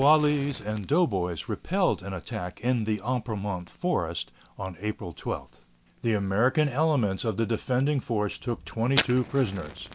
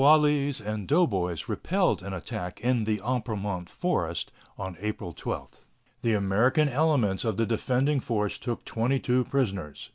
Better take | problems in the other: second | background sound (Fire); 15 dB below the speech

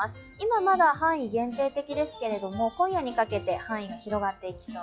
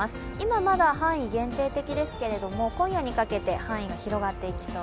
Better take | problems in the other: second | noise reduction (classical method log-MMSE)

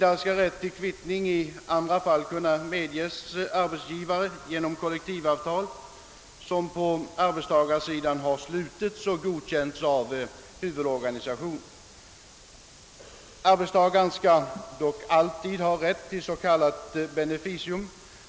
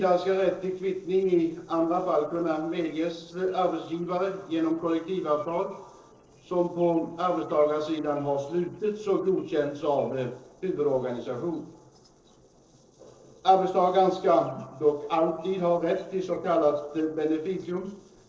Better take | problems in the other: first | noise reduction (neural separator model SepFormer DNS4)

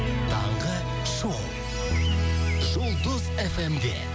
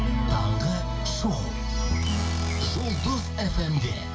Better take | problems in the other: first | background sound (Cupboard open or close / Door); 14 dB below the speech // room echo; dies away in 0.2 s

